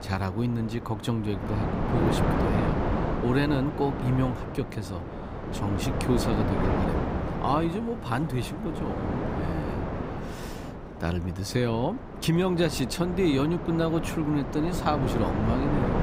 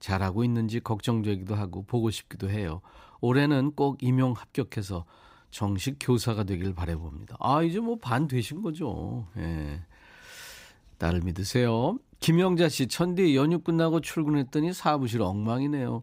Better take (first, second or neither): second